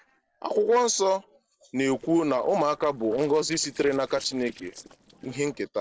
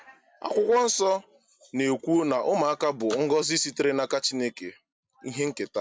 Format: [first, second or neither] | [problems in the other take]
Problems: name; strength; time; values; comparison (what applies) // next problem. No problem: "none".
second | noise reduction (neural separator model SepFormer DNS4)